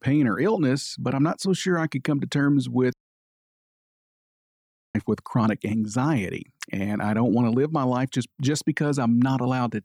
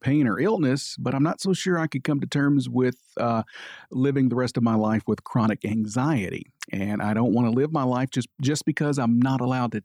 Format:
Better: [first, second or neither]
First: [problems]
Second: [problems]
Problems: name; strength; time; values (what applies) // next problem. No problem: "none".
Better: second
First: audio cutting out; at 3 s for 2 s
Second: none